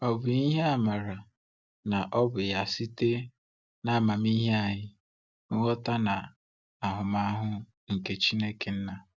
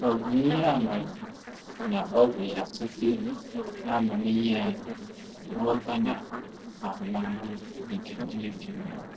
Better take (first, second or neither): first